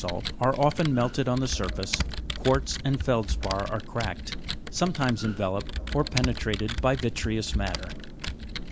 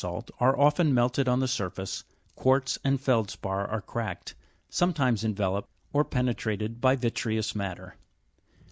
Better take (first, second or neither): second